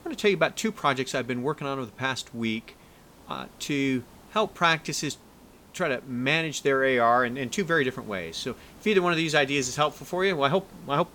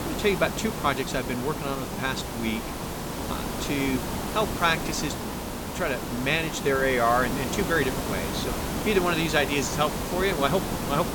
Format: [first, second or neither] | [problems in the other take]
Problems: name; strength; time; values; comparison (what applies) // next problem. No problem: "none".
first | hiss; loud; throughout; 4 dB below the speech; faint in the first